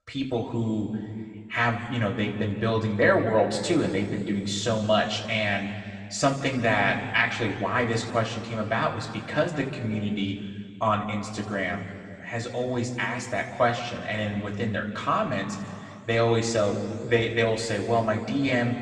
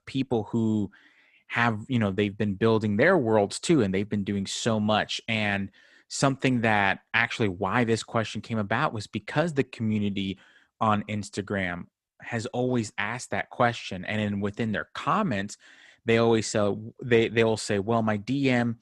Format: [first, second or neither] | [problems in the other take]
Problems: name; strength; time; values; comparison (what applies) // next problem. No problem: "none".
second | room echo; slight; dies away in 2.1 s // off-mic speech; somewhat distant